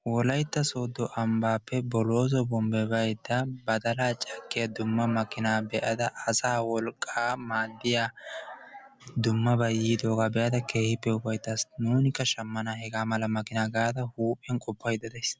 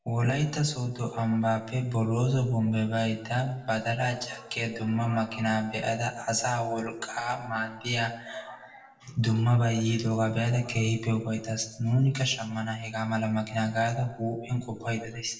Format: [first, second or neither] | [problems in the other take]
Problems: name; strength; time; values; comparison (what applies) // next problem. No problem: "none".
first | room echo; dies away in 0.6 s